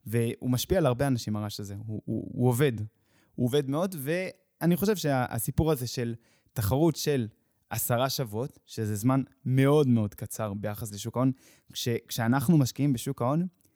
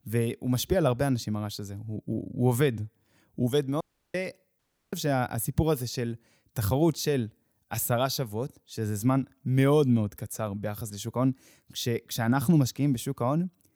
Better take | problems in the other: first | audio cutting out; at 4 s and at 4.5 s

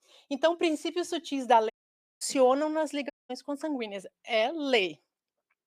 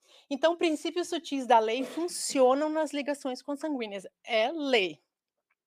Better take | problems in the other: second | audio cutting out; at 1.5 s for 0.5 s and at 3 s

